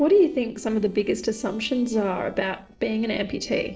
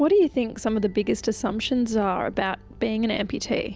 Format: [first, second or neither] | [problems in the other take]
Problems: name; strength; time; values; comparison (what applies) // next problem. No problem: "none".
second | noise reduction (neural separator model SepFormer DNS4)